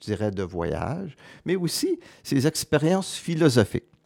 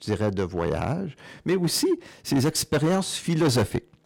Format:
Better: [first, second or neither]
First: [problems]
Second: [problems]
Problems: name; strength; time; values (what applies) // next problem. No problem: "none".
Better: first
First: none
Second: distortion; heavy; 8% of the sound clipped